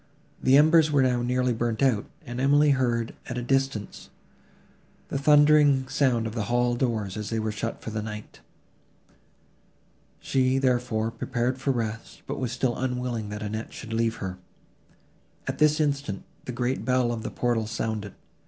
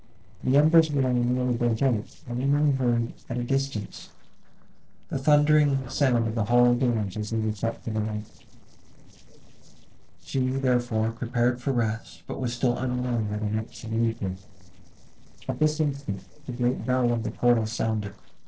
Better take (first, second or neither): first